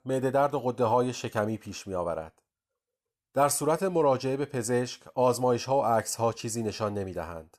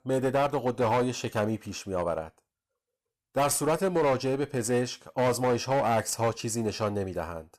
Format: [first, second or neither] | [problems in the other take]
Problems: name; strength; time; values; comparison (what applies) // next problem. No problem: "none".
first | distortion; slight; 10% of the sound clipped